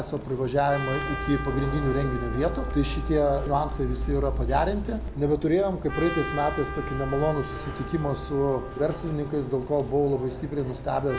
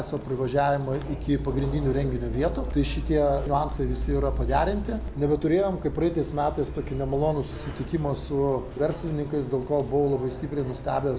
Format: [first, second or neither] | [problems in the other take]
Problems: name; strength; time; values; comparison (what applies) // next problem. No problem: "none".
second | background sound (Trumpet); 13 dB below the speech